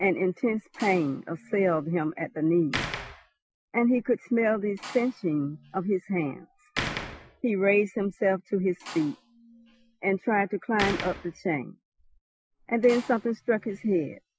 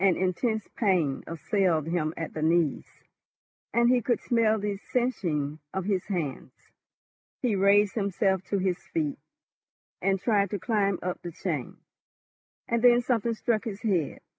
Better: second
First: noise reduction (classical method Wiener filter)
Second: none

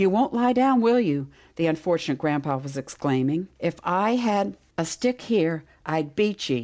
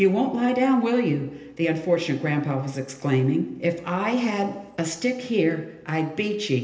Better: first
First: none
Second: room echo; dies away in 1.4 s

